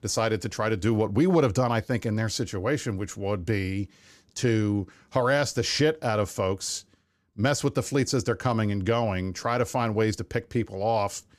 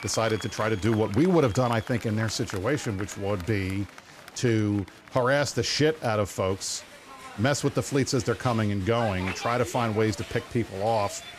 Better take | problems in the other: first | crowd noise; noticeable; throughout; 15 dB below the speech

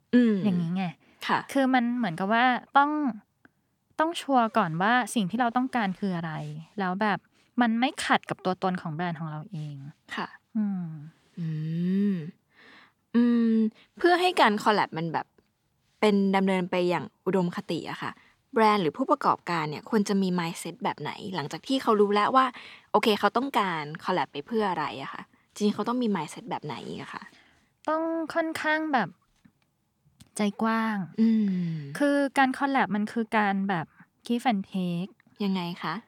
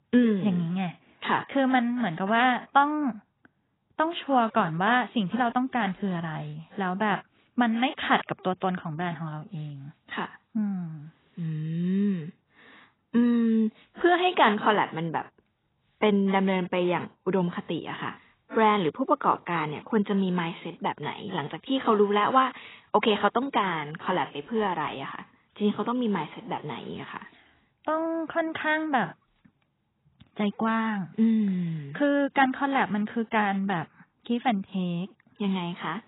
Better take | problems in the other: first | garbled, watery; badly; nothing above 3.5 kHz

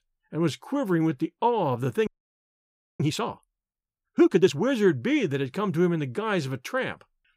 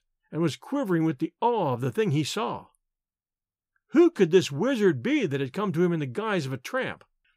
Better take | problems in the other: second | audio freezing; at 2 s for 1 s

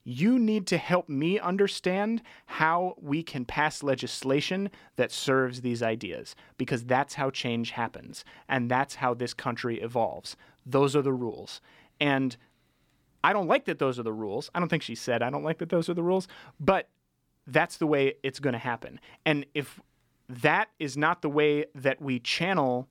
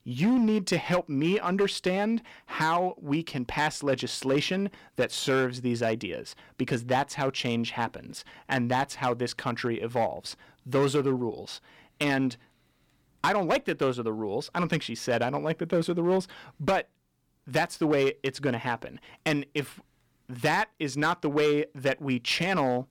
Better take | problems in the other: first | distortion; slight; 5% of the sound clipped

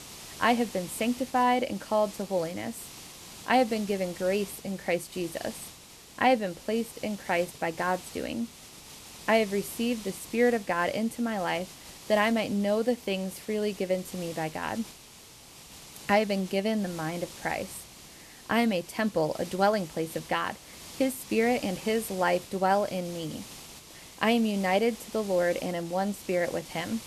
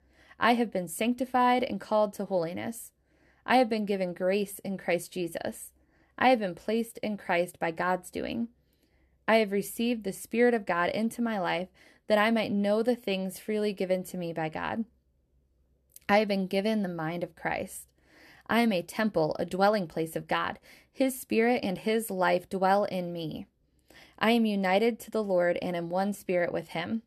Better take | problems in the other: second | hiss; noticeable; throughout; 15 dB below the speech

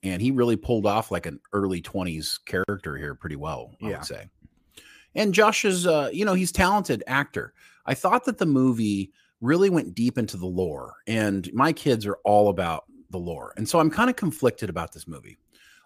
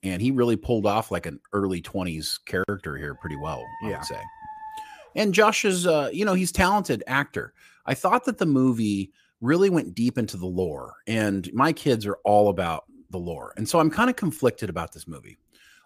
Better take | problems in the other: first | dog barking; faint; from 3 to 5 s; peak 15 dB below the speech

